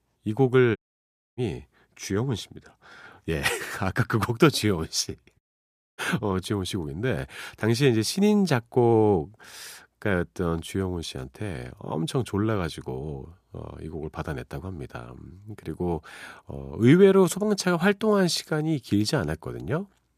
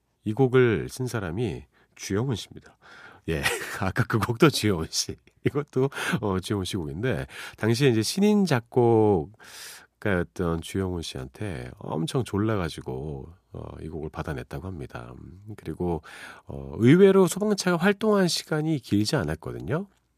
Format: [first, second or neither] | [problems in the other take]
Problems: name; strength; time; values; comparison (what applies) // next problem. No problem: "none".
second | audio cutting out; at 1 s for 0.5 s and at 5.5 s for 0.5 s